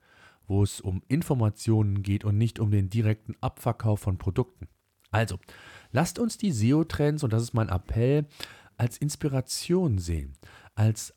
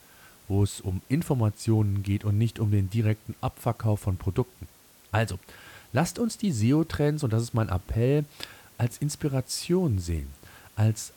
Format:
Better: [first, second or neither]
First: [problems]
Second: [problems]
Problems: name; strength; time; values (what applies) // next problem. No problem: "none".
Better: first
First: none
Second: hiss; faint; throughout; 25 dB below the speech